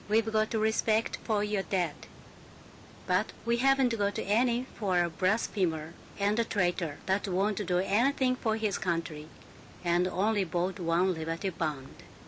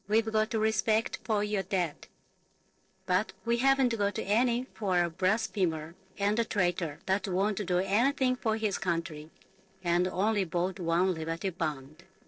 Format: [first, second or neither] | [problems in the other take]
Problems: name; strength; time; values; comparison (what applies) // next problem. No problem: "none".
first | noise reduction (neural separator model SepFormer DNS4)